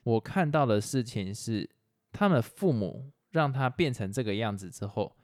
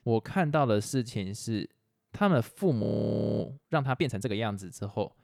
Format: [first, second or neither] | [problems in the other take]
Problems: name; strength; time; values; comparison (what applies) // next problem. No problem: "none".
first | audio freezing; at 3 s for 0.5 s